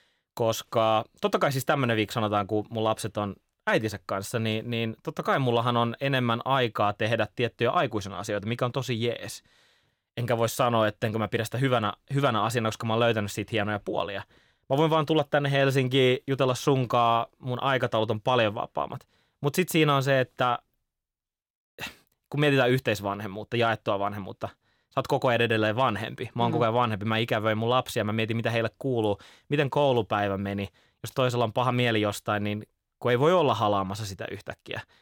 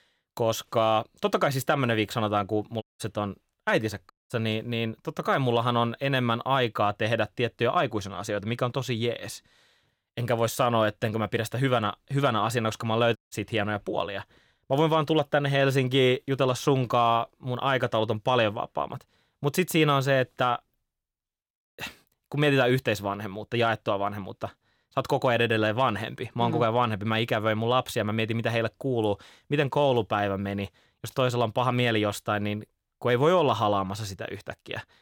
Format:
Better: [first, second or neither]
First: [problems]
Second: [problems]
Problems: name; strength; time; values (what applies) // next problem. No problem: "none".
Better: first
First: none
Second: audio cutting out; at 3 s, at 4 s and at 13 s